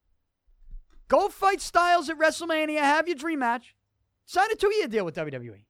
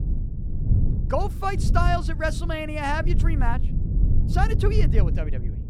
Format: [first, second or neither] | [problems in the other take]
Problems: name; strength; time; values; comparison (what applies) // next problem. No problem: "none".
first | low rumble; noticeable; throughout; 10 dB below the speech